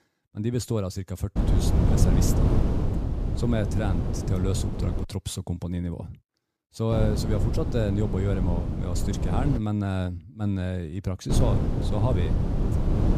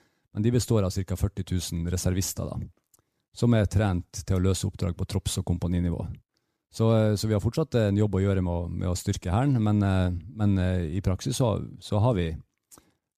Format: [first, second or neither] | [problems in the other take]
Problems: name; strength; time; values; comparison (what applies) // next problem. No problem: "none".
second | wind noise on the microphone; heavy; from 1.5 to 5 s, from 7 to 9.5 s and from 11 s on; 2 dB below the speech